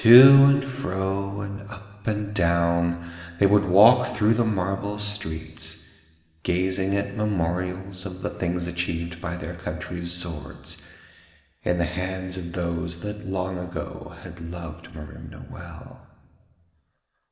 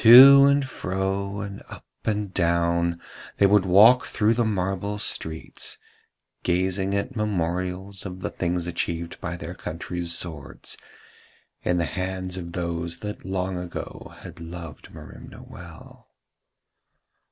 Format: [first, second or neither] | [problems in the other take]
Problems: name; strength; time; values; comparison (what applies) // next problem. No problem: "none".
second | room echo; dies away in 1.7 s